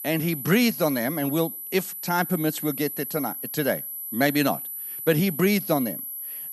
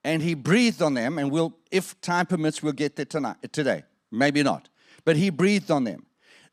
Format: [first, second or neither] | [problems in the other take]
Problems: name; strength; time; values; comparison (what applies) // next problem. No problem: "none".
second | high-pitched whine; loud; throughout; 12 kHz, 7 dB below the speech